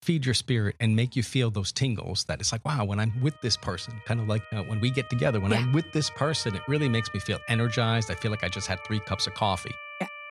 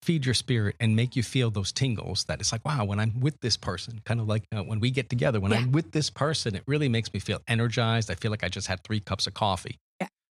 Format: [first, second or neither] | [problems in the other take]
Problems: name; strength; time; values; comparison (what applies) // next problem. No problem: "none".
second | siren; noticeable; from 3 s on; peak 9 dB below the speech